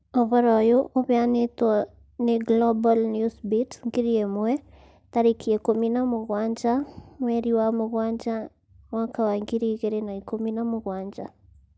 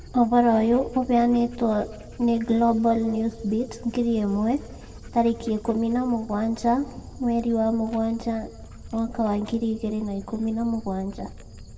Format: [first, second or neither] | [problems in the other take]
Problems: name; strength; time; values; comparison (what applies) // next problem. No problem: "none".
first | background sound (Dog); 18 dB below the speech // room echo; dies away in 1.5 s